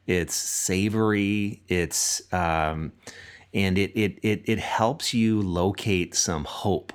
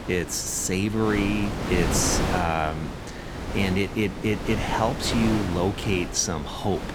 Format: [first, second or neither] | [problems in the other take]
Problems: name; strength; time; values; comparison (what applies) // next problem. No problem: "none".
first | wind noise on the microphone; heavy; 5 dB below the speech